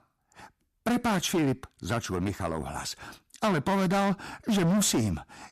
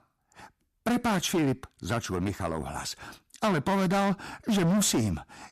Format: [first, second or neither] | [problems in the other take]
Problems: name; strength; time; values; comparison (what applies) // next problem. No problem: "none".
neither | distortion; heavy; 14% of the sound clipped; the same in both